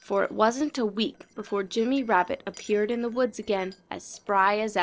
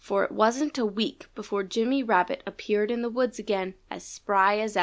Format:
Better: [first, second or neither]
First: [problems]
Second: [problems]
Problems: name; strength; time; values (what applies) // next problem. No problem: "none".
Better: second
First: noise reduction (neural separator model SepFormer DNS4)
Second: none